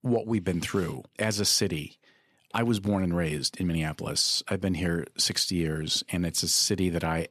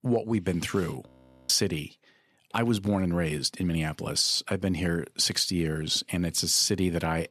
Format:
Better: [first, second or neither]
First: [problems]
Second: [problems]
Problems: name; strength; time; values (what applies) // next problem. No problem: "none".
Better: first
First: none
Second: audio freezing; at 1 s